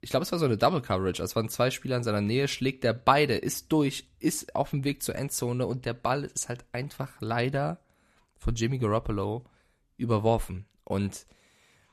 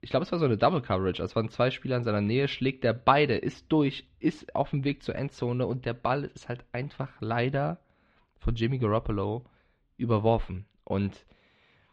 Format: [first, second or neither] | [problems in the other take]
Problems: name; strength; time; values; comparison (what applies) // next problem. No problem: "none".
first | muffled; slightly; fading above 3.5 kHz